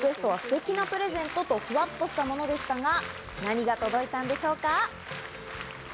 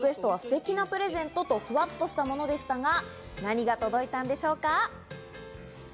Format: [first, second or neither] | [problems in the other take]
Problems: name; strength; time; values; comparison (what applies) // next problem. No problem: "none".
second | background sound (Applause); 12 dB below the speech